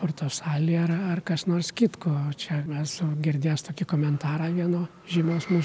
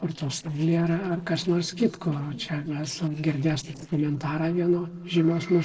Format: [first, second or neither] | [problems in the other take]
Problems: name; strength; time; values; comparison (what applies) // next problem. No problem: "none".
first | noise reduction (neural separator model SepFormer DNS4)